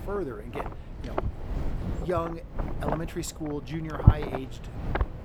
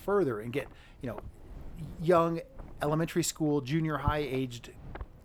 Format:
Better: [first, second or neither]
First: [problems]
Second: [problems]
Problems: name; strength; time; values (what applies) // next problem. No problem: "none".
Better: second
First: wind noise on the microphone; heavy; 2 dB below the speech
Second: wind noise on the microphone; occasional gusts; 20 dB below the speech